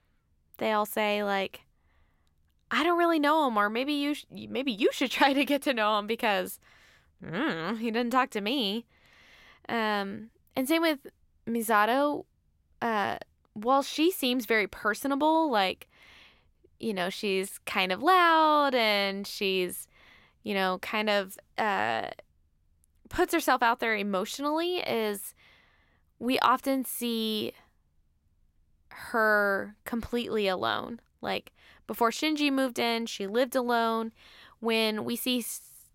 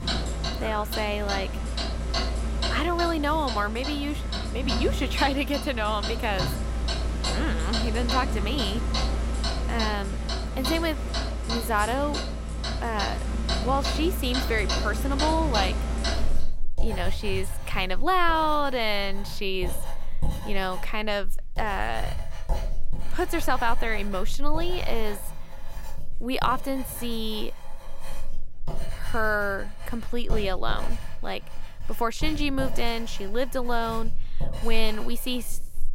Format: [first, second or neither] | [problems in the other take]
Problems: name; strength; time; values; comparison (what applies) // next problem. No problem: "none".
first | household noises; loud; throughout; 2 dB below the speech